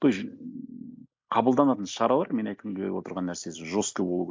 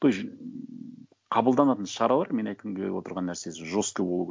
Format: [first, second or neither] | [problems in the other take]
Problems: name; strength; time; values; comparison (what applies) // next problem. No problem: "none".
second | noise reduction (neural mask model Resemble Enhance denoiser)